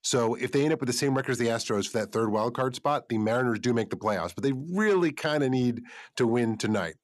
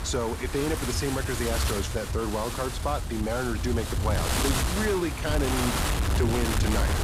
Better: first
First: none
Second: wind noise on the microphone; heavy; 1 dB below the speech

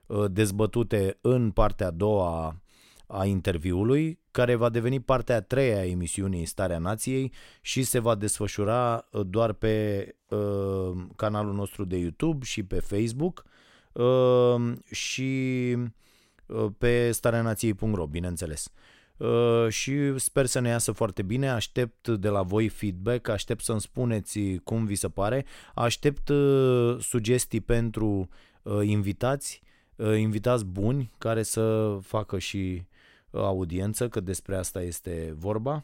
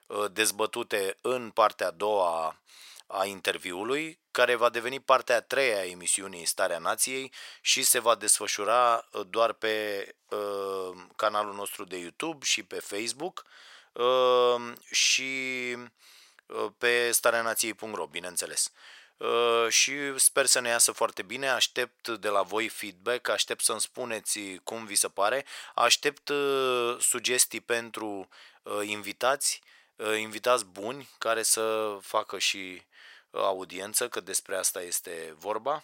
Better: first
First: none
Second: thin; very; fading below 800 Hz

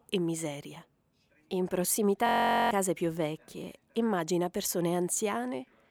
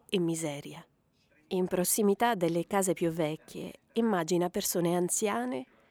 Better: second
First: audio freezing; at 2.5 s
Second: none

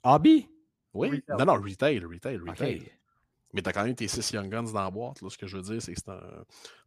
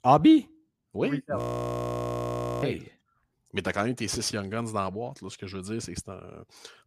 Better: first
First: none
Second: audio freezing; at 1.5 s for 1 s

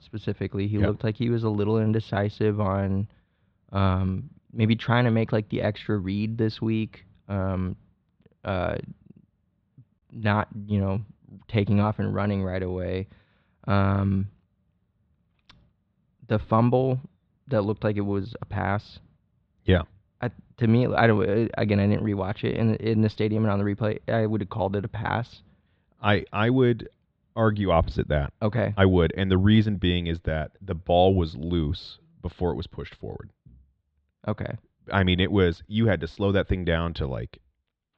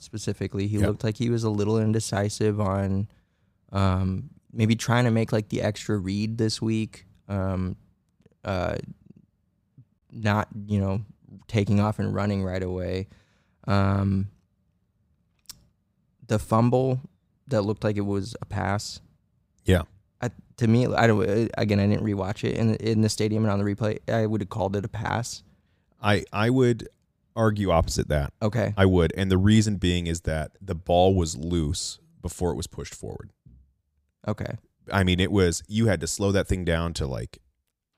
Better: second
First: muffled; slightly; fading above 3.5 kHz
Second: none

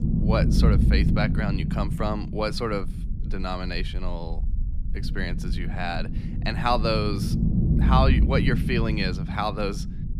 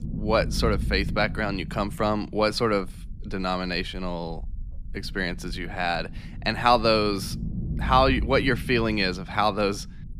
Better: second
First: low rumble; loud; throughout; 8 dB below the speech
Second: low rumble; faint; throughout; 20 dB below the speech

